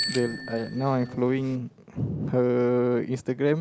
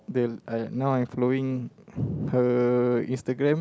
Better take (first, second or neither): second